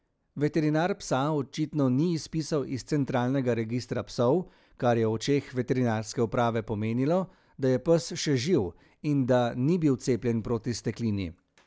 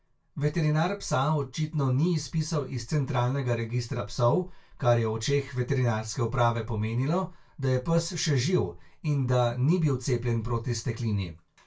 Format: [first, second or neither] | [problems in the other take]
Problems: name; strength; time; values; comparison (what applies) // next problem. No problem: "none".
first | room echo; dies away in 0.2 s